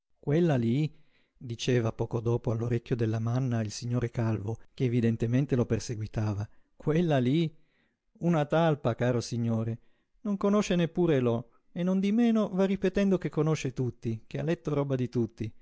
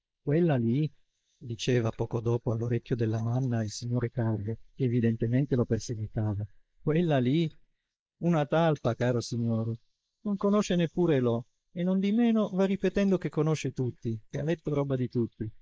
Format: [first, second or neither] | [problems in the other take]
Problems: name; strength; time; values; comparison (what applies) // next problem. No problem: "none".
first | noise reduction (neural mask model Resemble Enhance denoiser)